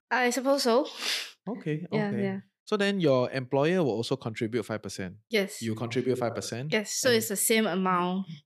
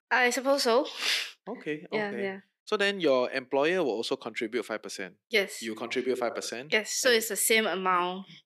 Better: first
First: none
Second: thin; very slightly; fading below 250 Hz

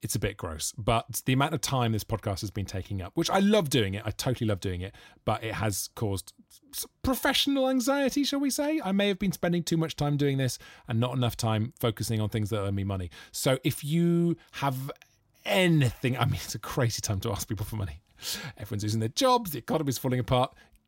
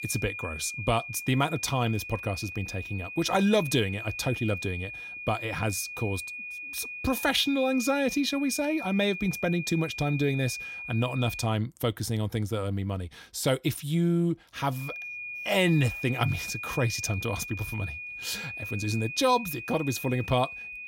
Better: first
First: none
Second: high-pitched whine; loud; until 11 s and from 15 s on; 2.5 kHz, 7 dB below the speech

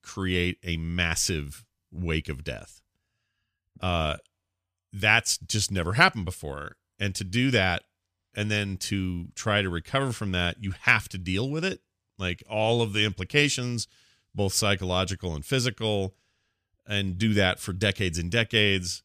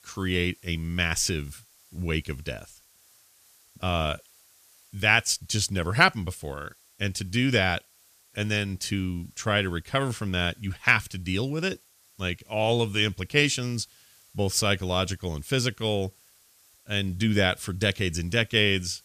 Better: first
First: none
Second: hiss; faint; throughout; 30 dB below the speech

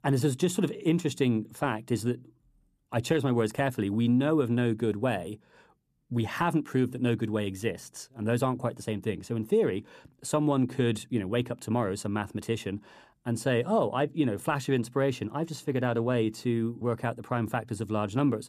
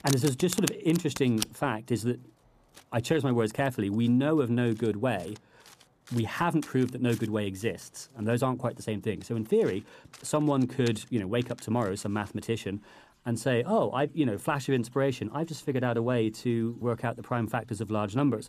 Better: first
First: none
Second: household noises; noticeable; throughout; 10 dB below the speech

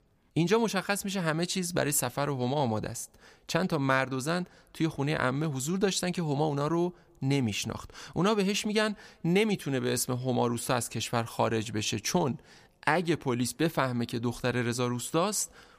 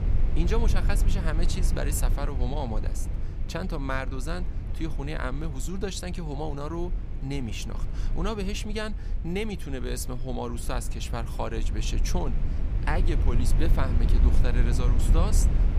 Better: first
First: none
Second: low rumble; loud; throughout; 9 dB below the speech

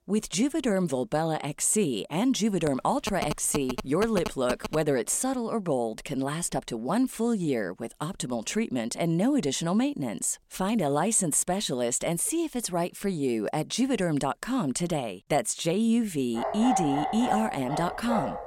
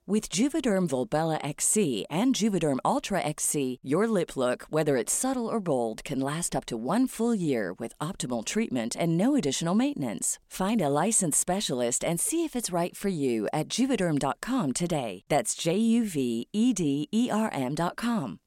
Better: second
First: phone ringing; noticeable; from 2.5 to 5 s; peak 7 dB below the speech // dog barking; noticeable; from 16 s on; peak 1 dB below the speech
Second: none

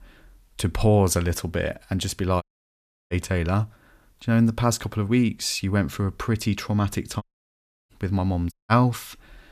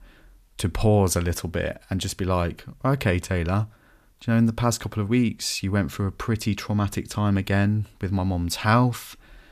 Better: second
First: audio cutting out; at 2.5 s for 0.5 s, at 7 s for 0.5 s and at 8.5 s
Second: none

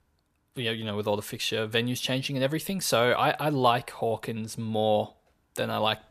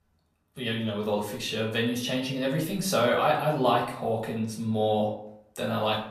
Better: first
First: none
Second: room echo; slight; dies away in 0.5 s // off-mic speech; far

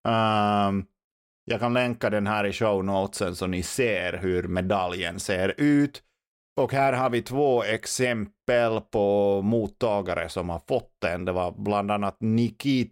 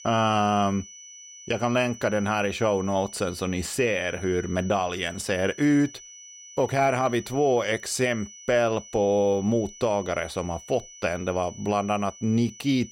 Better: first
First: none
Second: high-pitched whine; noticeable; throughout; 6 kHz, 15 dB below the speech

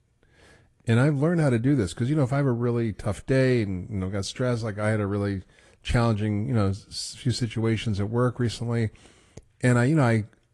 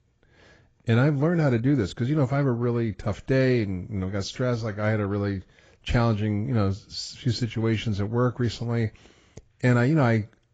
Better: first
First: garbled, watery; slightly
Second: garbled, watery; badly; nothing above 7.5 kHz

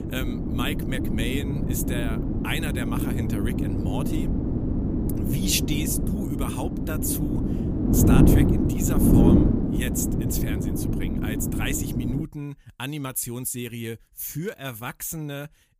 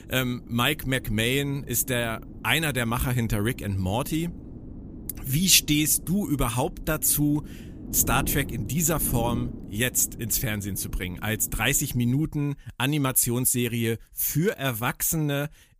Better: second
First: wind noise on the microphone; heavy; until 12 s; 2 dB above the speech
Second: wind noise on the microphone; occasional gusts; until 12 s; 20 dB below the speech

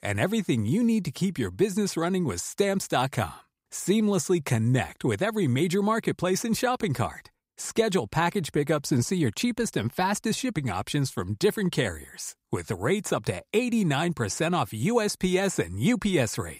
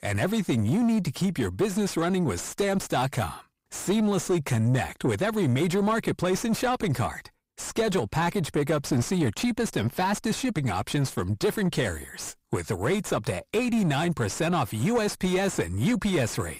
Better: first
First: none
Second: distortion; slight; 9 dB below the speech

